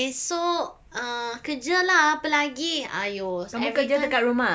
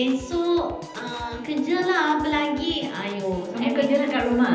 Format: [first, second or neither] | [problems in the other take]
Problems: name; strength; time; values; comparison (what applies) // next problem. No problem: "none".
first | background sound (Piano / Organ); 15 dB below the speech // room echo; dies away in 0.9 s